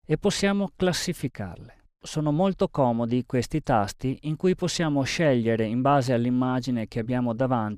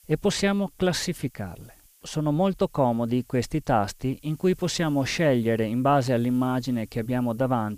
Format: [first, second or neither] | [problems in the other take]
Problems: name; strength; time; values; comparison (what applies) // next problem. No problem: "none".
first | hiss; faint; throughout; 30 dB below the speech